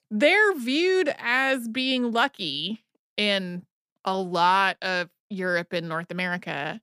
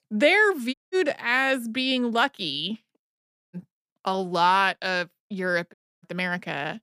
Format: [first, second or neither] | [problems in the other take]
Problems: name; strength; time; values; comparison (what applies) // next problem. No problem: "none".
first | audio cutting out; at 0.5 s, at 3 s and at 5.5 s